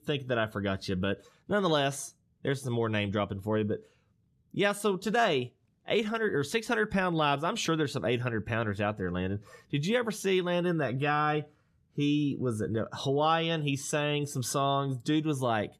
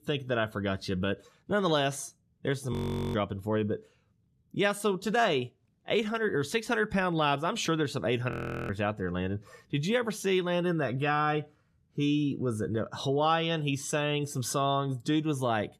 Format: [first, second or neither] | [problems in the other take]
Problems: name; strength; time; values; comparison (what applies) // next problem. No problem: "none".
first | audio freezing; at 2.5 s and at 8.5 s